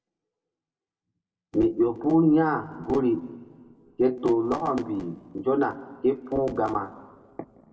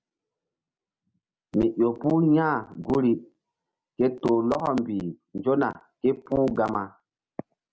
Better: second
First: room echo; dies away in 1.4 s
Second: none

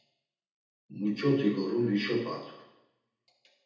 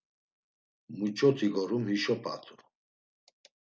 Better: second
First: room echo; dies away in 0.9 s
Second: none

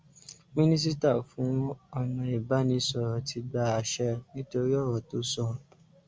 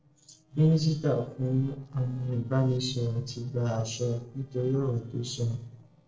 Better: first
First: none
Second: noise reduction (neural separator model SepFormer DNS4)

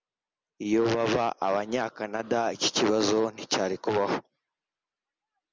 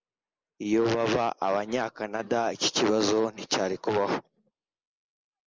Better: first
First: none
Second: noise reduction (neural mask model Resemble Enhance denoiser)

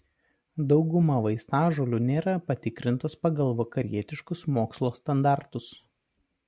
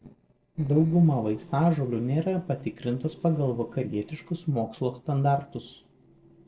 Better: first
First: none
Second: noise reduction (neural separator model SepFormer DNS4)

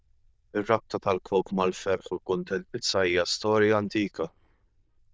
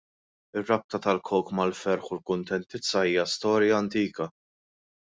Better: second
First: noise reduction (neural diffusion model UNIVERSE++)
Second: none

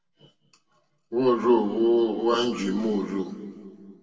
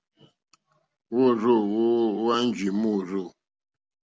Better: second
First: room echo; dies away in 2 s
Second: none

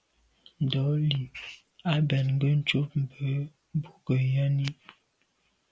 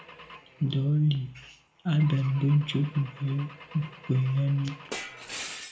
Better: first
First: none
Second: background sound (Glass / Engine / Car); 16 dB below the speech // room echo; dies away in 0.3 s

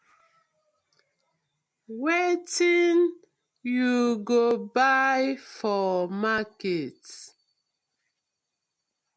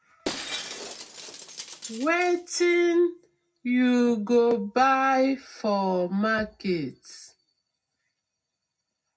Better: first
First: none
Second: background sound (Shatter); 14 dB below the speech // room echo; dies away in 0.4 s

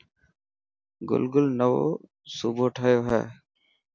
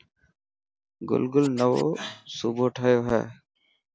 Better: first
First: none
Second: background sound (Scratching (performance technique)); 19 dB below the speech

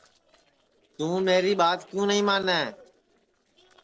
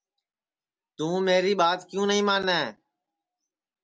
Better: second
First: noise reduction (neural separator model SepFormer DNS4)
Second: none

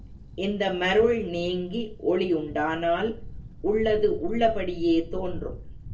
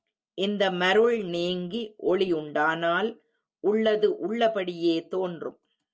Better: second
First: background sound (Thunder); 10 dB below the speech // room echo; dies away in 0.3 s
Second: none

